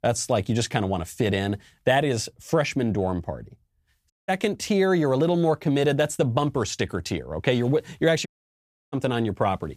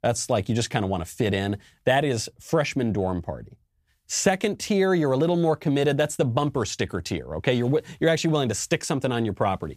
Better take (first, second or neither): second